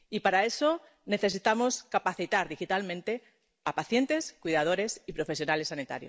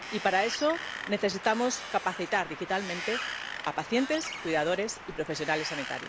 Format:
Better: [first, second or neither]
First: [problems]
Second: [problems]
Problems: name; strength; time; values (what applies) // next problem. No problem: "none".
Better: first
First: none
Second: background sound (Wind); 8 dB below the speech